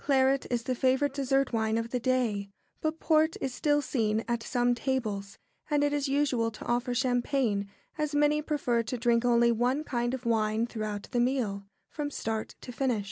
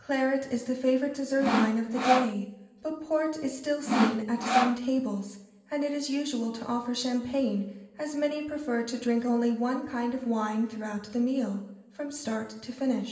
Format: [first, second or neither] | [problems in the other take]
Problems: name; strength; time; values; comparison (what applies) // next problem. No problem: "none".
first | background sound (Sawing); 3 dB above the speech // room echo; dies away in 0.9 s